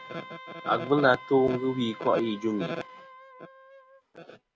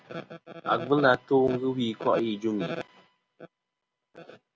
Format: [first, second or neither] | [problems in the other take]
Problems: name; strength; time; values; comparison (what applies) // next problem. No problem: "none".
second | background sound (Wind instrument, woodwind instrument); 18 dB below the speech